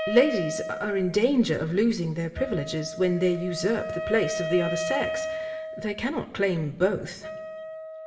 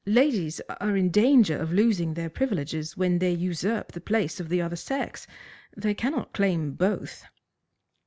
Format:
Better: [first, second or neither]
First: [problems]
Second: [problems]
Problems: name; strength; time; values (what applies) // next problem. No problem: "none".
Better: second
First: background sound (Wind instrument, woodwind instrument); 7 dB below the speech // room echo; dies away in 0.9 s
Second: none